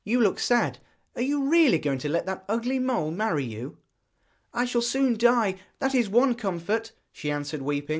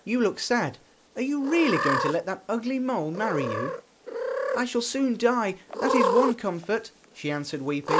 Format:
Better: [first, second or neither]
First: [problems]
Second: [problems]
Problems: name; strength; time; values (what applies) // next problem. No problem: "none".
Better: first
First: none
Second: background sound (Cat); 4 dB below the speech